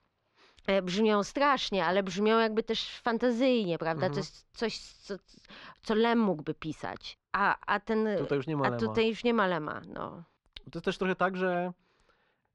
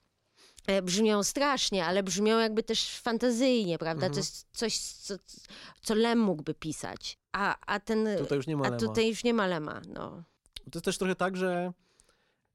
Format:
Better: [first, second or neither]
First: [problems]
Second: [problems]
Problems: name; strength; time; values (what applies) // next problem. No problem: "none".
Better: second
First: muffled; slightly; fading above 3 kHz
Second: none